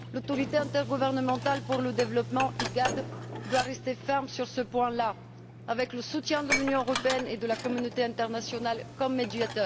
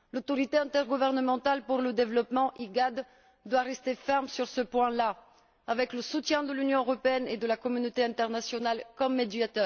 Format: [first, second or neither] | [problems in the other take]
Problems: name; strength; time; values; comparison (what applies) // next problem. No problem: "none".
second | background sound (Dishes, pots, and pans + Sliding door); 8 dB below the speech